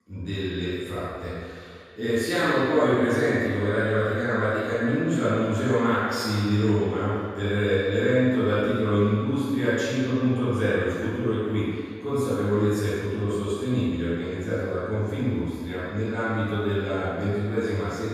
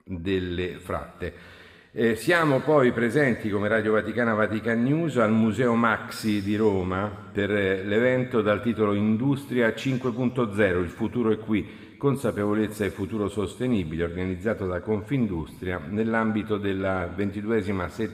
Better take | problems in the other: second | room echo; strong; dies away in 1.7 s; slight in the second // off-mic speech; far

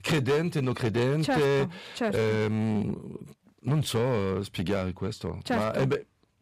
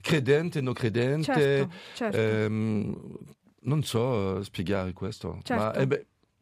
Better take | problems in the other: second | distortion; slight; 9% of the sound clipped

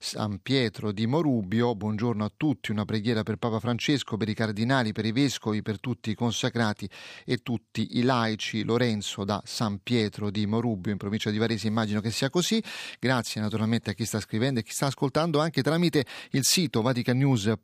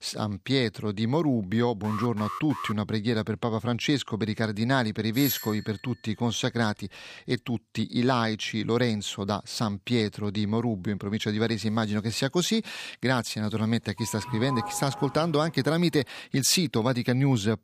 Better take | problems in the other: first | alarm; noticeable; at 2 s; peak 8 dB below the speech // doorbell; noticeable; at 5 s and from 14 to 16 s; peak 4 dB below the speech

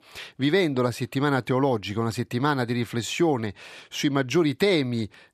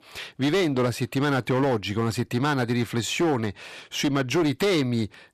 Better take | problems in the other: first | distortion; slight; 13% of the sound clipped

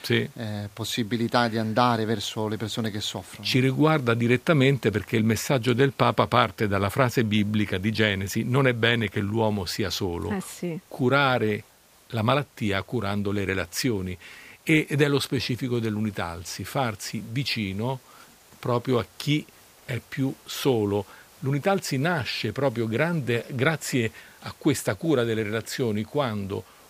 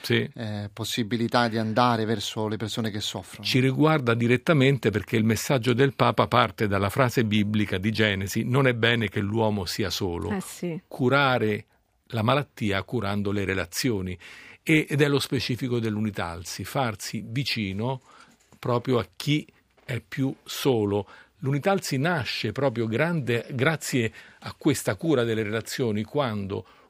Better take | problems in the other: second | hiss; faint; throughout; 25 dB below the speech

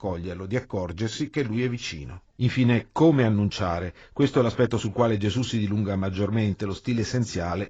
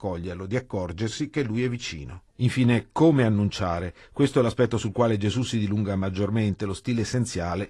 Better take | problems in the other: second | garbled, watery; badly; nothing above 7.5 kHz; slightly in the second

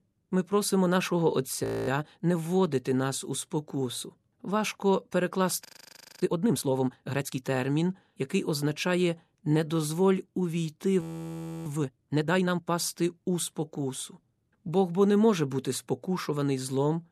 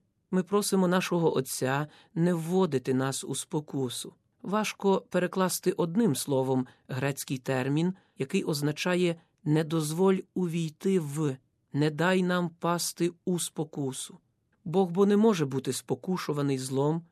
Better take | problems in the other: second | audio freezing; at 1.5 s, at 5.5 s for 0.5 s and at 11 s for 0.5 s

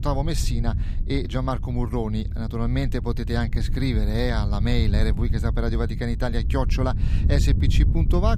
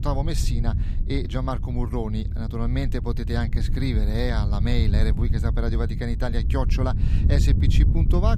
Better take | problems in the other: first | wind noise on the microphone; heavy; 8 dB below the speech; occasional gusts in the first

